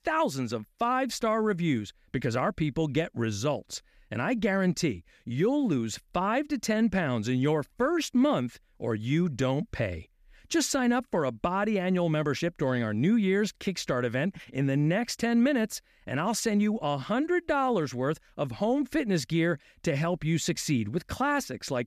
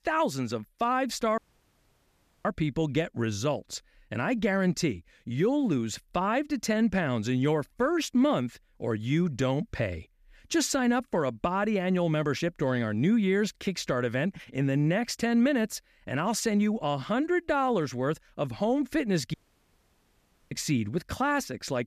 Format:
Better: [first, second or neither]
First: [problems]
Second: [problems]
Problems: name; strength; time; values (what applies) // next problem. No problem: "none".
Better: first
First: none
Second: audio cutting out; at 1.5 s for 1 s and at 19 s for 1 s